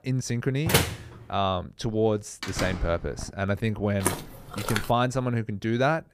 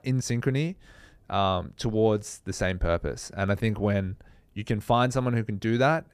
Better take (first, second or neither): second